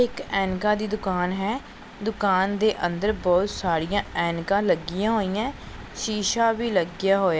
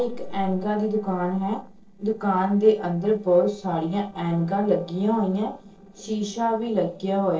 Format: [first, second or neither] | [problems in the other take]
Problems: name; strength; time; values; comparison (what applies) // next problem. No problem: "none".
first | noise reduction (neural separator model SepFormer DNS4)